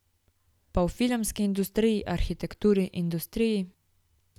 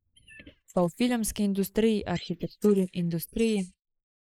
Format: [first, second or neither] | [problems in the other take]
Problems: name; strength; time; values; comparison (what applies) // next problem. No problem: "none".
first | noise reduction (neural mask model Resemble Enhance denoiser)